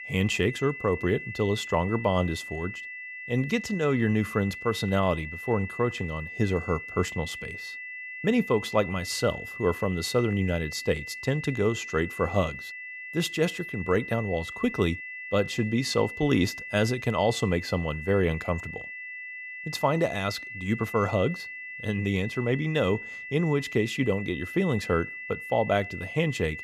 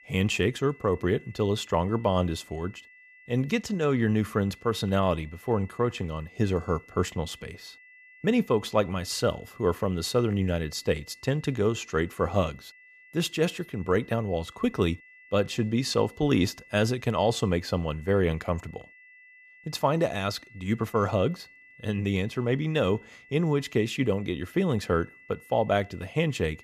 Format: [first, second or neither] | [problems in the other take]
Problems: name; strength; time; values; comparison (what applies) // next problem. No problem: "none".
second | high-pitched whine; loud; throughout; 2 kHz, 9 dB below the speech; faint in the second